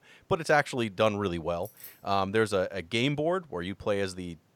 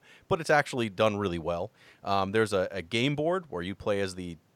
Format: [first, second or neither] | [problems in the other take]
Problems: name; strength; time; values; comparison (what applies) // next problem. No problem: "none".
second | jangling keys; faint; at 1.5 s; peak 20 dB below the speech